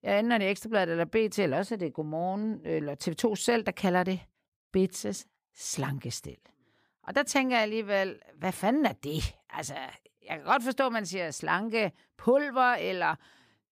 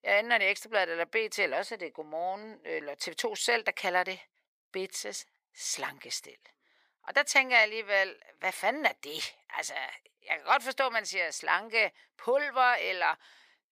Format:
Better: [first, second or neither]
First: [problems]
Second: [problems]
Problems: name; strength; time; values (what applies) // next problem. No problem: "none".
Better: first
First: none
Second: thin; very; fading below 650 Hz